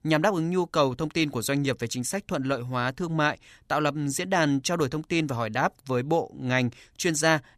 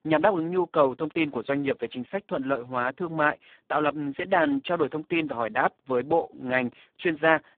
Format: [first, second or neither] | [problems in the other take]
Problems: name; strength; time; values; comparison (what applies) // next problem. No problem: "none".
first | phone-call audio; poor line